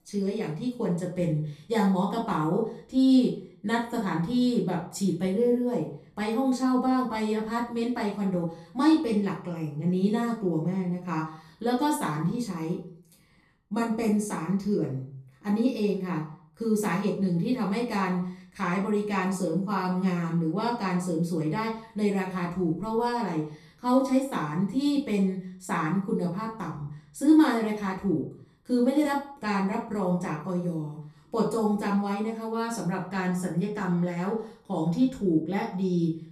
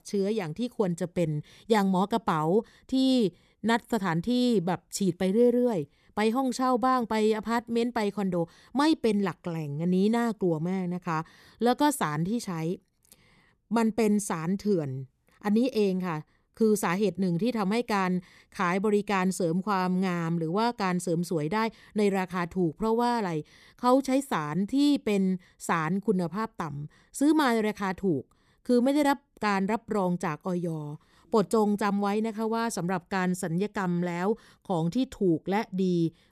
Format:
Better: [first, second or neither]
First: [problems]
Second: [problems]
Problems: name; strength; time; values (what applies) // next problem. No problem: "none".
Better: second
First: room echo; slight; dies away in 0.4 s // off-mic speech; far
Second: none